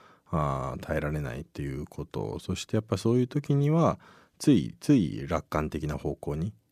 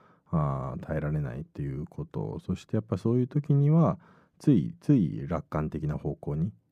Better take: first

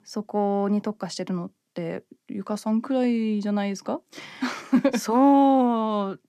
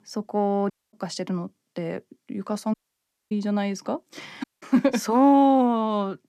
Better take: first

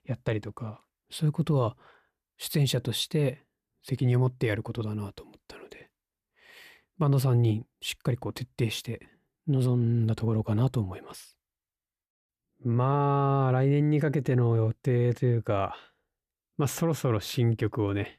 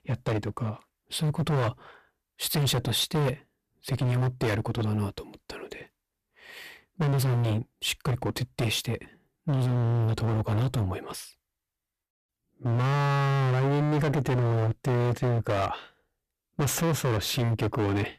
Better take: first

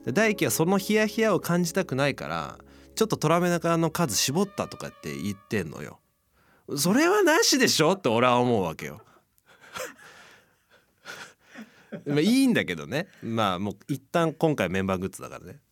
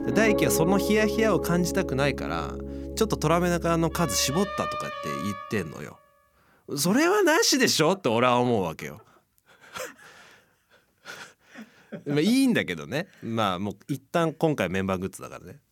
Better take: first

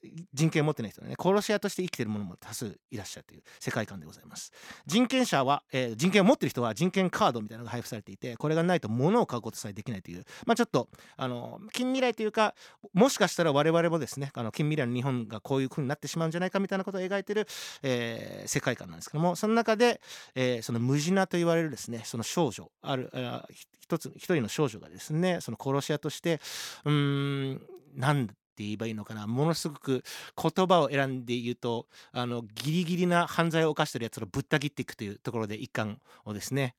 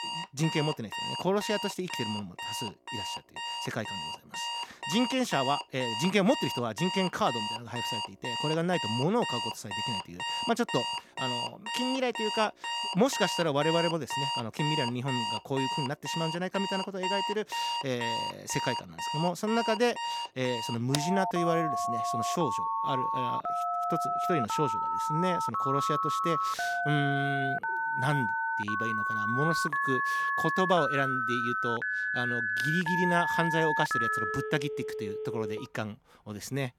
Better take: first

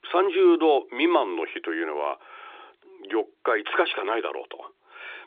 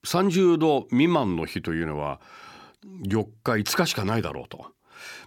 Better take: second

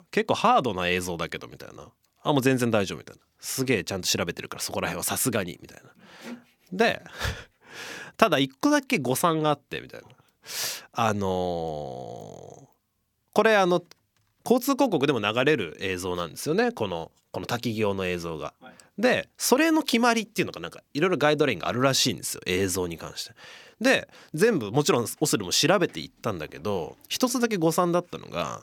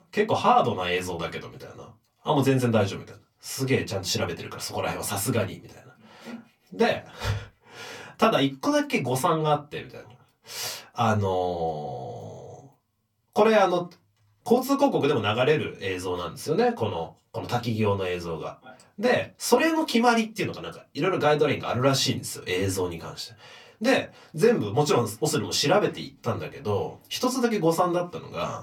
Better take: first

